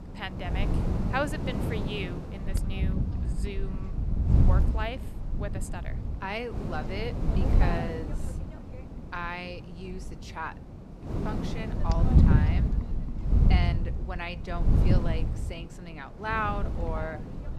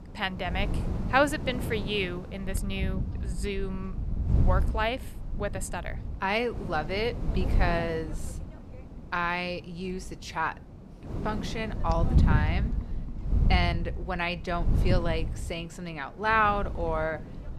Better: second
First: wind noise on the microphone; heavy; 4 dB below the speech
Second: wind noise on the microphone; occasional gusts; 15 dB below the speech

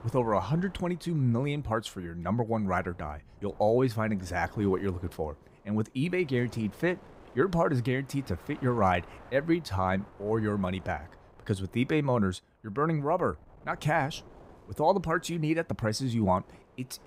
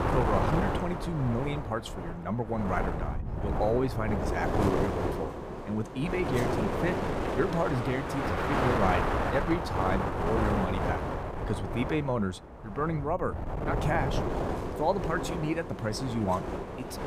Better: first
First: wind noise on the microphone; occasional gusts; 25 dB below the speech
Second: wind noise on the microphone; heavy; 1 dB above the speech

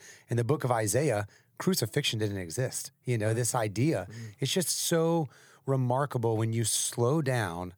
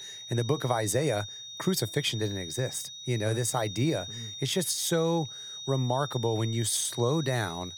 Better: first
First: none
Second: high-pitched whine; loud; throughout; 3.5 kHz, 9 dB below the speech

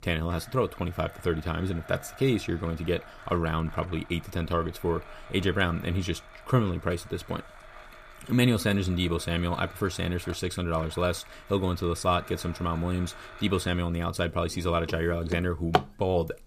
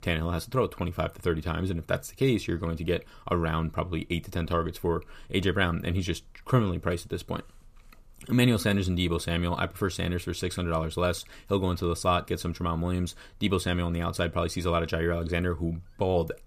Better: second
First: household noises; noticeable; throughout; 15 dB below the speech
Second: none

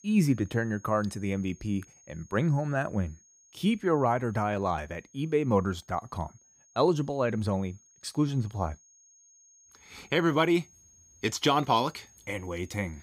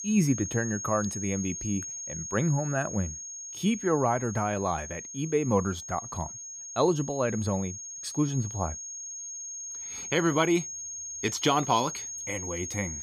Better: first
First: high-pitched whine; faint; throughout; 6.5 kHz, 30 dB below the speech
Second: high-pitched whine; loud; throughout; 6.5 kHz, 7 dB below the speech

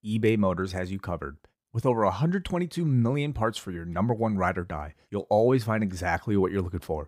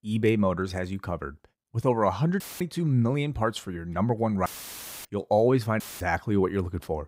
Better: first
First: none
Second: audio cutting out; filled with static; at 2.5 s, at 4.5 s for 0.5 s and at 6 s

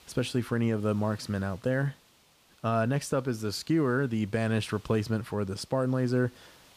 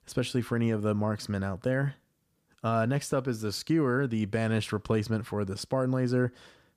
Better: second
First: hiss; faint; throughout; 30 dB below the speech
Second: none

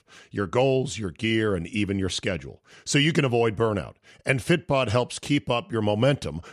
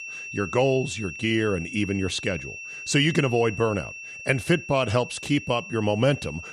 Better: first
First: none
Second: high-pitched whine; noticeable; throughout; 2.5 kHz, 10 dB below the speech

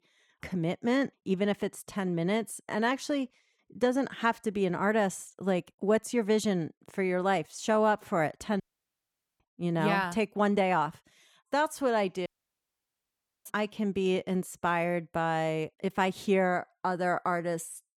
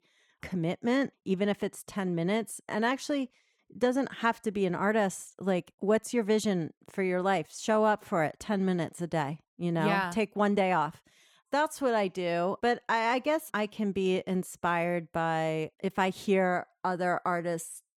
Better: second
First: audio cutting out; at 8.5 s for 1 s and at 12 s for 1 s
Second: none

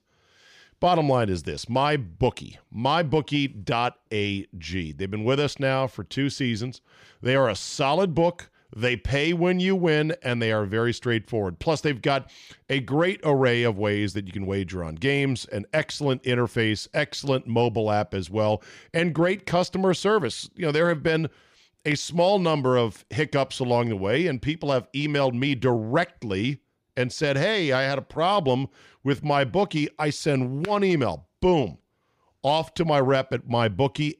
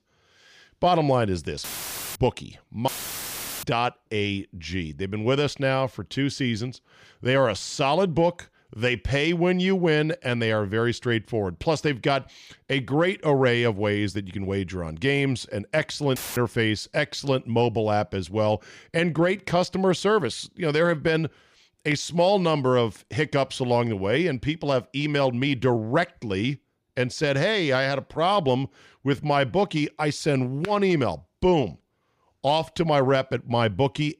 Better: first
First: none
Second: audio cutting out; filled with static; at 1.5 s for 0.5 s, at 3 s for 1 s and at 16 s

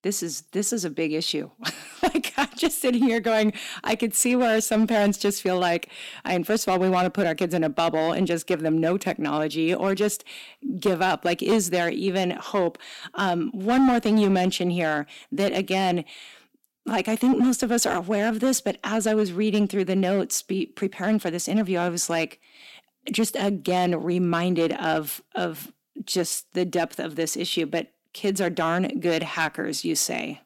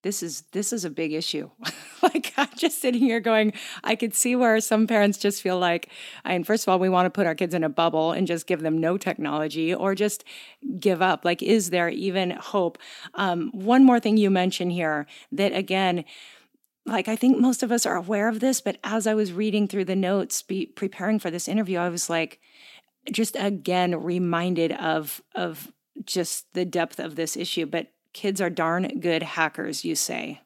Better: second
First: distortion; slight; 5% of the sound clipped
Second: none

